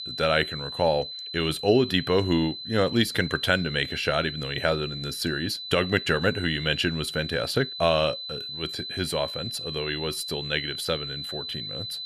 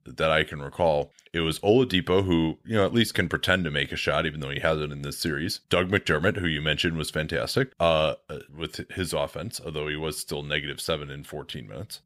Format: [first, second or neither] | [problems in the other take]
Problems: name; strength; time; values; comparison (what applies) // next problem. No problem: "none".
second | high-pitched whine; loud; throughout; 4 kHz, 7 dB below the speech